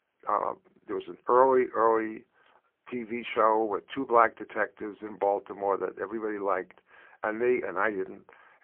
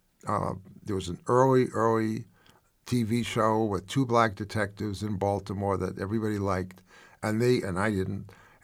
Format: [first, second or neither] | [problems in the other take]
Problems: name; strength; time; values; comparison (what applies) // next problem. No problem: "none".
second | phone-call audio; poor line; nothing above 3 kHz